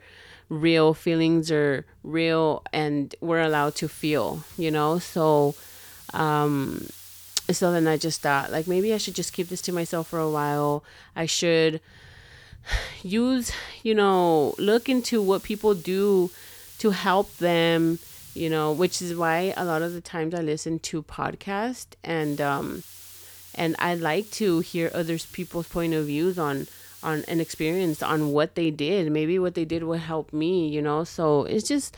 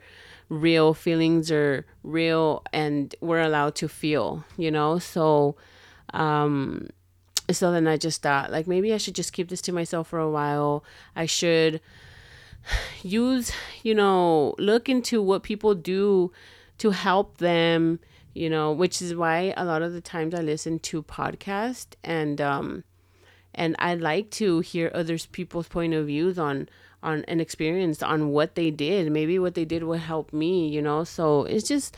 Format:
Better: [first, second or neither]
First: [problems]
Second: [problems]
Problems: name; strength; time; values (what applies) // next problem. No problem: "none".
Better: second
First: hiss; noticeable; from 3.5 to 11 s, from 14 to 20 s and from 22 to 28 s; 20 dB below the speech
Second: none